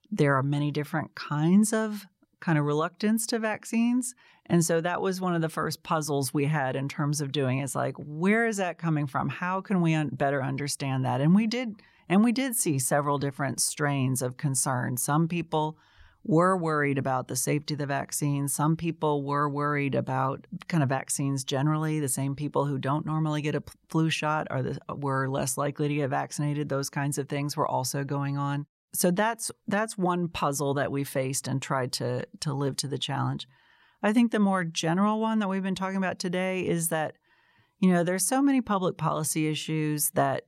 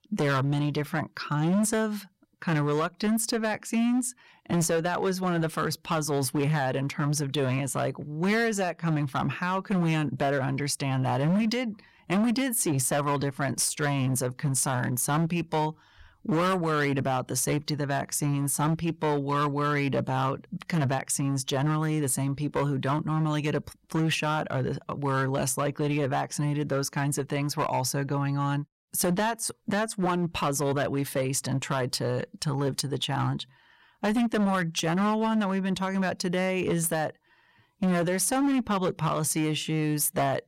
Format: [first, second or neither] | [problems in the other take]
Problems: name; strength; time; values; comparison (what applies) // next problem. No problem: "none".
first | distortion; slight; 13% of the sound clipped